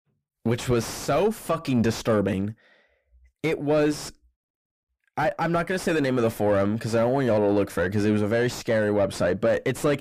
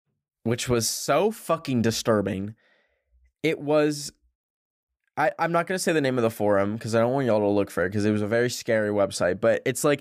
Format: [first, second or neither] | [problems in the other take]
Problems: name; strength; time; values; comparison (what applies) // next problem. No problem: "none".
second | distortion; slight; 9 dB below the speech